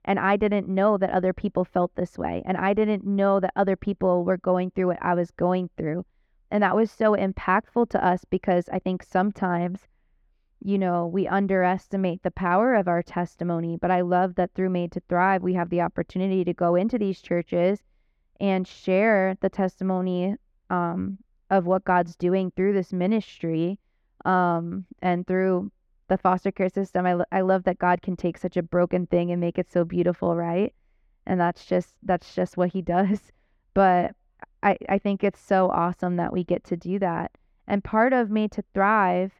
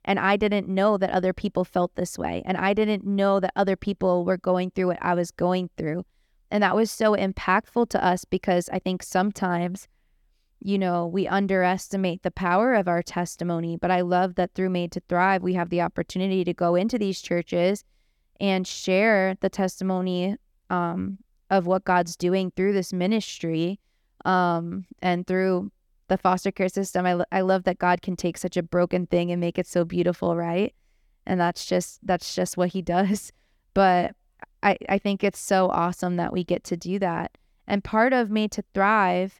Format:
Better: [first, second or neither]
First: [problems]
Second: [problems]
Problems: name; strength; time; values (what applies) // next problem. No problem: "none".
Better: second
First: muffled; very; fading above 4 kHz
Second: none